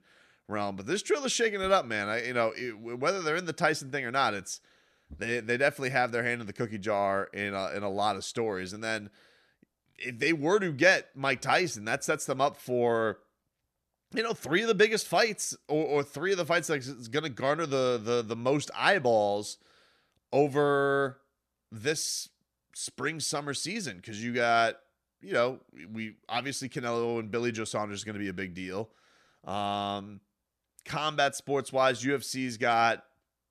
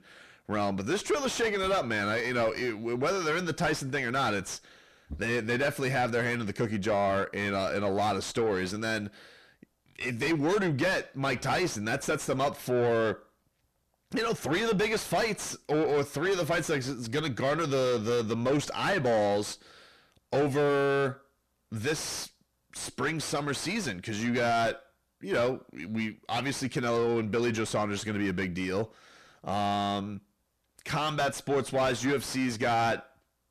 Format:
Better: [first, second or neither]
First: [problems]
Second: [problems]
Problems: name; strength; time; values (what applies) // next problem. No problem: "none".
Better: first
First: none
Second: distortion; heavy; 5 dB below the speech